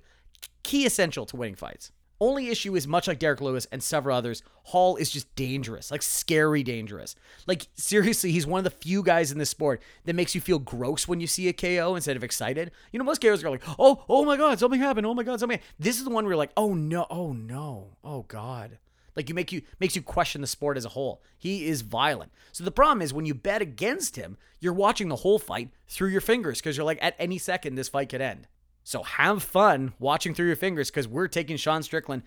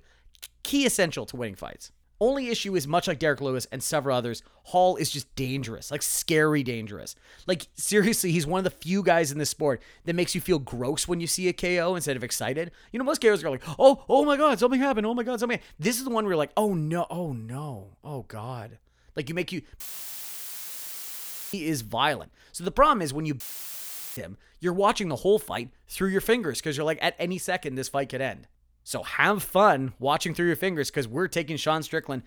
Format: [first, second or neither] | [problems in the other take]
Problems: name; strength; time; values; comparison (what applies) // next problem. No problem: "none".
first | audio cutting out; filled with static; at 20 s for 1.5 s and at 23 s for 1 s